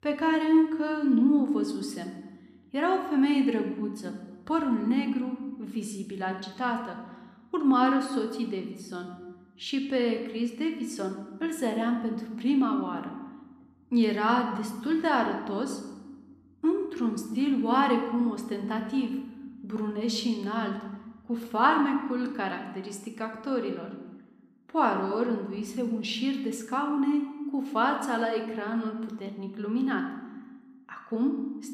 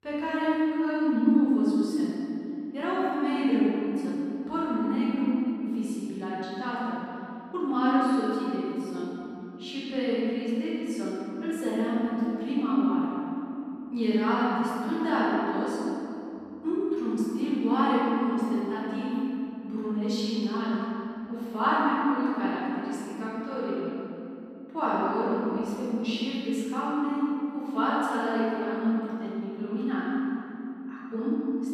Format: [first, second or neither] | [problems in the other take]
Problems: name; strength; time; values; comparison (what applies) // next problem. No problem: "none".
first | room echo; strong; dies away in 2.9 s; slight in the first // off-mic speech; far